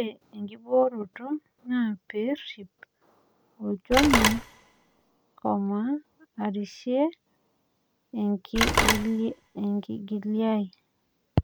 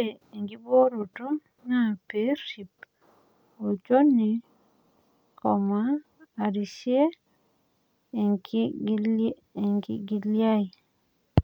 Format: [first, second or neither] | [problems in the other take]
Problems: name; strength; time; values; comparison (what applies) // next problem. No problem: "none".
second | background sound (Telephone); 2 dB above the speech